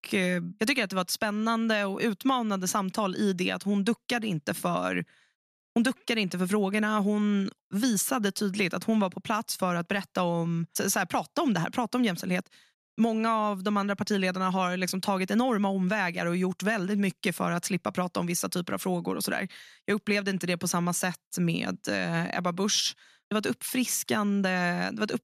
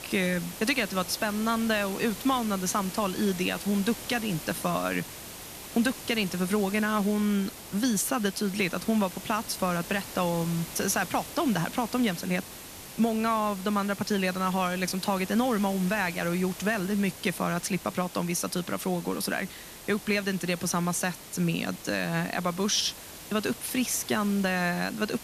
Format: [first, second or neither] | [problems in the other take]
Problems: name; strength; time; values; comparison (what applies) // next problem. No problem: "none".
first | hiss; noticeable; throughout; 10 dB below the speech